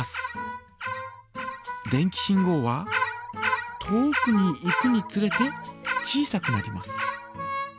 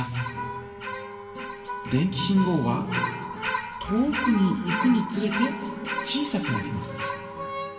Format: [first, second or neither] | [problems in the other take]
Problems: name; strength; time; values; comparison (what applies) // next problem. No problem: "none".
first | background sound (Bowed string instrument); 18 dB below the speech // room echo; dies away in 2.2 s